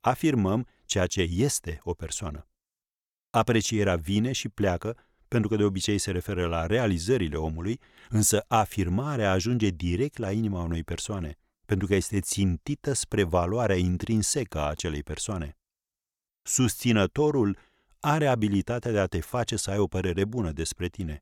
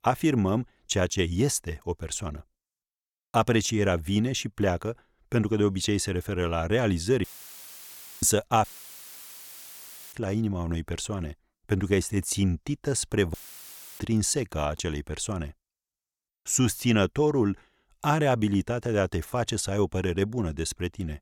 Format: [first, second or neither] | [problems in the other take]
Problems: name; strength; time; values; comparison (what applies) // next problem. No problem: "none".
first | audio cutting out; filled with static; at 7 s for 1 s, at 8.5 s for 1.5 s and at 13 s for 0.5 s